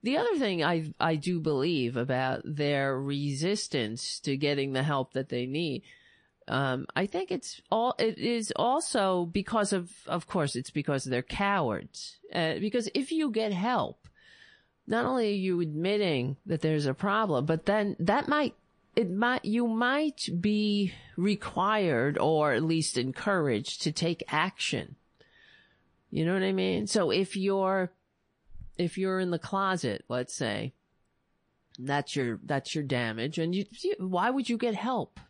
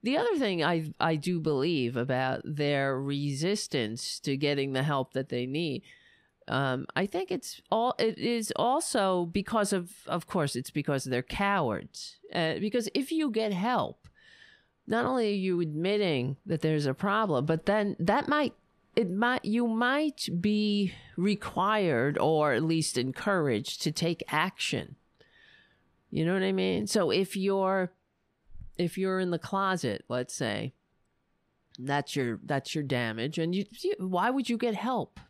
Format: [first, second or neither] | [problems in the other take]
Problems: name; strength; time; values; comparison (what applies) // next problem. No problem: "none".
second | garbled, watery; slightly; nothing above 9 kHz